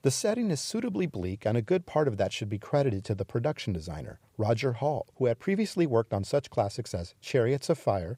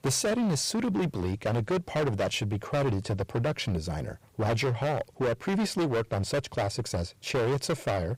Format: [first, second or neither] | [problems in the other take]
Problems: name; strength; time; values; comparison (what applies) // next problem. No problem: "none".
first | distortion; heavy; 21% of the sound clipped